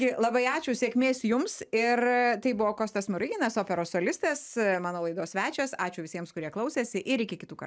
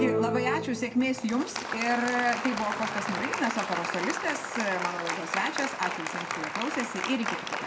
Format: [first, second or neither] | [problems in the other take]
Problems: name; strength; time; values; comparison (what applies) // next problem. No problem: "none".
first | background sound (Applause); 2 dB below the speech // room echo; dies away in 1.3 s